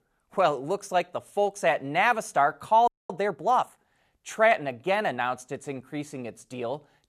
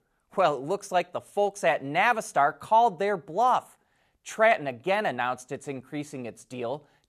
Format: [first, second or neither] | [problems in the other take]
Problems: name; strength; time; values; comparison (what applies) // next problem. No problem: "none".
second | audio freezing; at 3 s